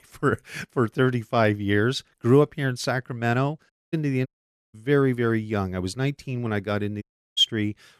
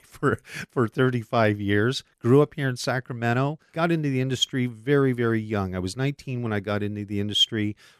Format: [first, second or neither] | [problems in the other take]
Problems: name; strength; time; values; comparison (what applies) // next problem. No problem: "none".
second | audio cutting out; at 3.5 s, at 4.5 s and at 7 s